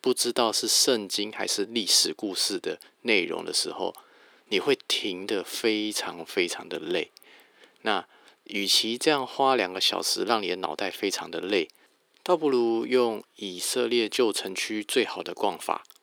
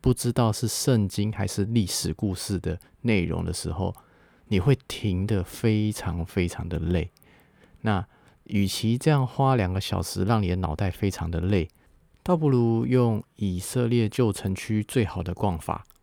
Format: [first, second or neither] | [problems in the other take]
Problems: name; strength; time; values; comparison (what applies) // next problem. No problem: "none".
second | thin; somewhat; fading below 350 Hz